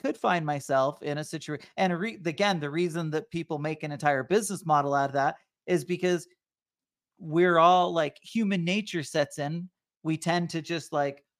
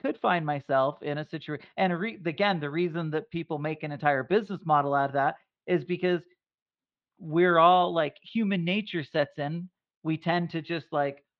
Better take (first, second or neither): first